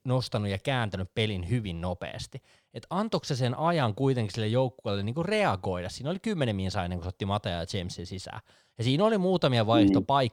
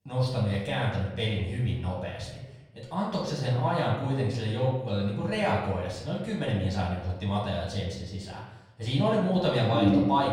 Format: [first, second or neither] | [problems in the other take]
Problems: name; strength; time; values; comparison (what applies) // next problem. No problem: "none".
first | off-mic speech; far // room echo; noticeable; dies away in 0.8 s